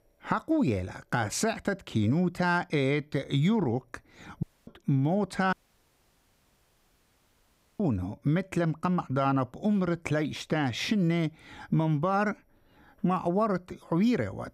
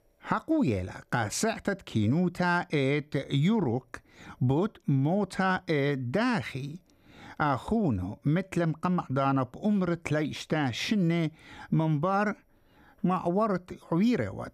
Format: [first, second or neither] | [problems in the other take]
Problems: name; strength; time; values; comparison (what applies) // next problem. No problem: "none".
second | audio cutting out; at 4.5 s and at 5.5 s for 2.5 s